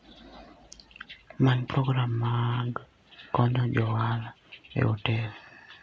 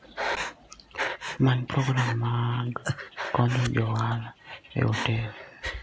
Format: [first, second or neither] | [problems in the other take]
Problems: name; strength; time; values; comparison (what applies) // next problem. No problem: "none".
first | background sound (Breathing); 8 dB below the speech